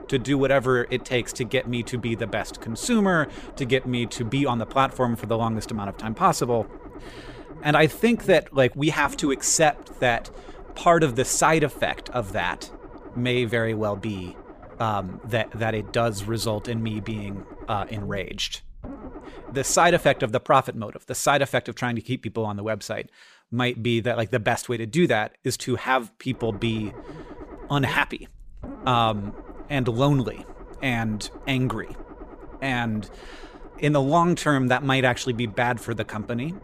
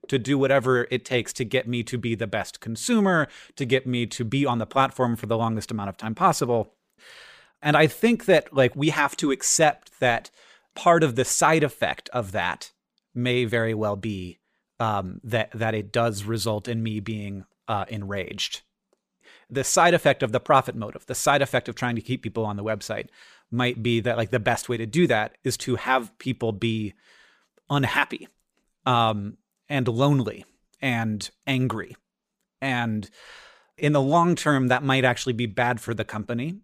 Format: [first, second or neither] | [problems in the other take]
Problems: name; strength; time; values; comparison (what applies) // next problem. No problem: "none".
second | low rumble; noticeable; until 20 s and from 26 s on; 20 dB below the speech